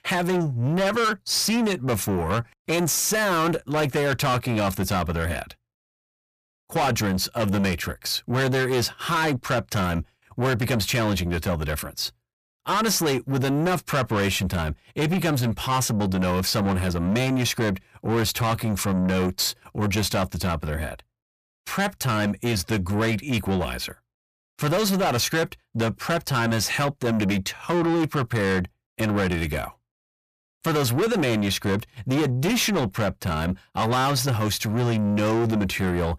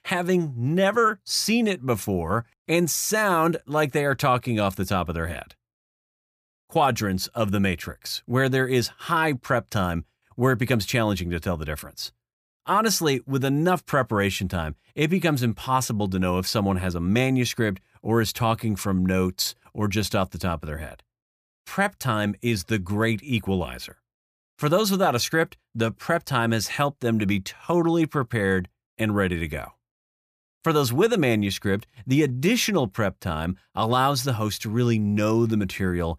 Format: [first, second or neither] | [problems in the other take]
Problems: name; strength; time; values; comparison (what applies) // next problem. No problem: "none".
second | distortion; heavy; 7 dB below the speech